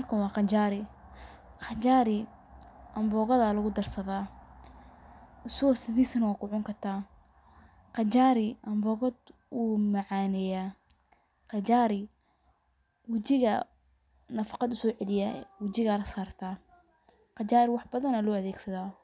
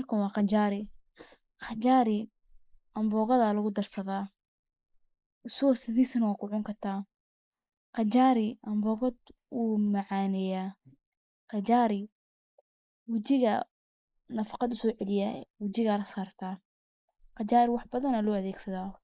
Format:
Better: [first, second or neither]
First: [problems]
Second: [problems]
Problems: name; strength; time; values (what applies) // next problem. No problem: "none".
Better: first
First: none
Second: noise reduction (neural mask model Resemble Enhance denoiser)